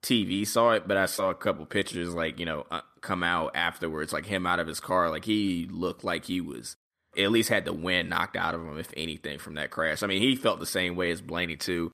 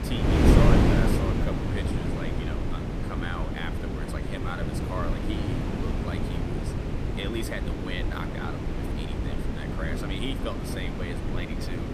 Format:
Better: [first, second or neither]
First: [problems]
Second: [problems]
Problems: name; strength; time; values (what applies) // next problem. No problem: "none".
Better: first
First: none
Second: wind noise on the microphone; heavy; 3 dB above the speech